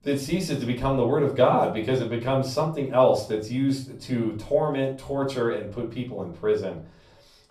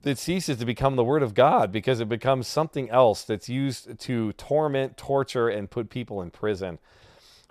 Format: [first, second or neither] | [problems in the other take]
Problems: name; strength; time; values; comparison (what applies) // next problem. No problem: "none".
second | off-mic speech; far // room echo; slight; dies away in 0.4 s